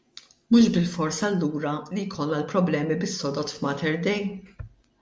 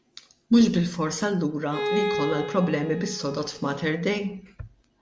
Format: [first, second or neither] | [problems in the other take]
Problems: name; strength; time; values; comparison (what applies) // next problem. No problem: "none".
first | background sound (Bowed string instrument); 6 dB below the speech